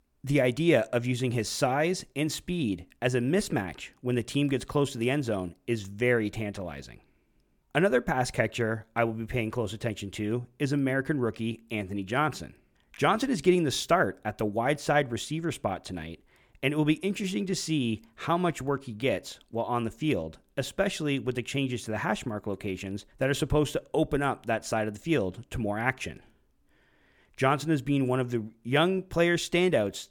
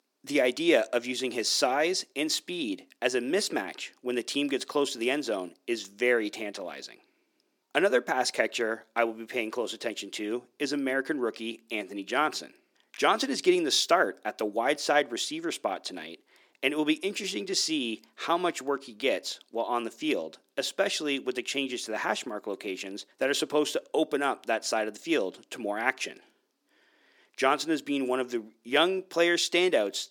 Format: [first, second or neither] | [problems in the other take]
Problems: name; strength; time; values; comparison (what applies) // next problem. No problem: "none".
first | thin; very slightly; fading below 300 Hz